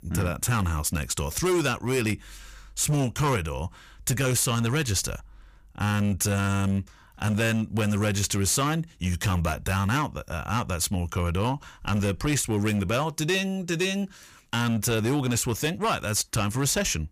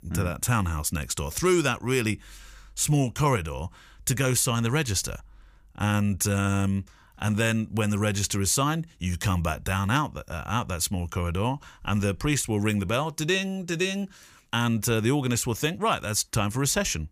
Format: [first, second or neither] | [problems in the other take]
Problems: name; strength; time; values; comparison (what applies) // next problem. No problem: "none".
second | distortion; slight; 10% of the sound clipped